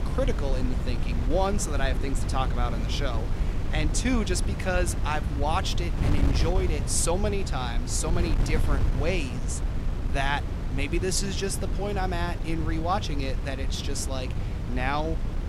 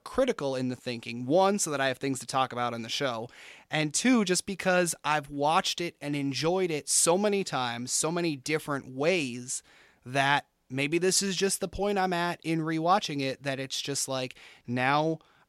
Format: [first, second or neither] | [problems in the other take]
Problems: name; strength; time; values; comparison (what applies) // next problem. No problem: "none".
second | wind noise on the microphone; heavy; 9 dB below the speech